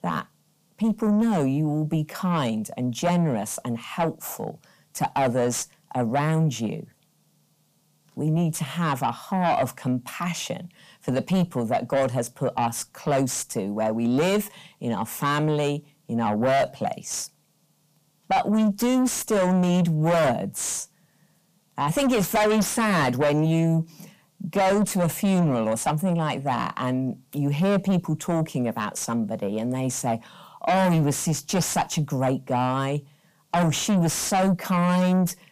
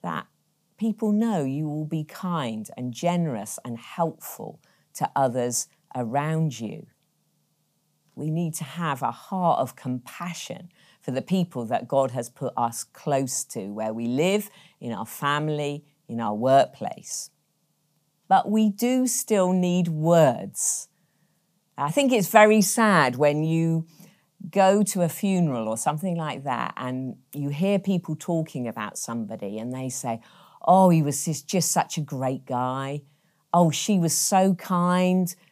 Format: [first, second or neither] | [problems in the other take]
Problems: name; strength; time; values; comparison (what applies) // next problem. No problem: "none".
second | distortion; heavy; 6 dB below the speech